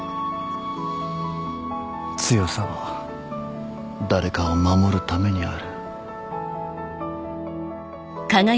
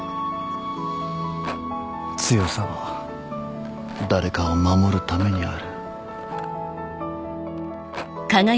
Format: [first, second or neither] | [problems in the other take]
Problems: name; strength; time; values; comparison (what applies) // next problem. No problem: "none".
first | background sound (Rattle); 19 dB below the speech